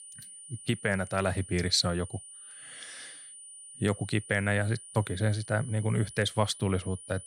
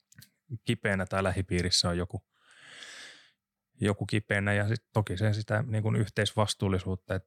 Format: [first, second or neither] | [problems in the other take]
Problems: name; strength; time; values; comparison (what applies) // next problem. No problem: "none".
second | high-pitched whine; noticeable; throughout; 9.5 kHz, 15 dB below the speech